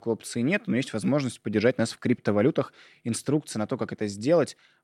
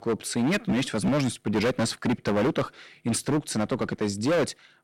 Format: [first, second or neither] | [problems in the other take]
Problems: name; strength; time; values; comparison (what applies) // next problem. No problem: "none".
first | distortion; heavy; 17% of the sound clipped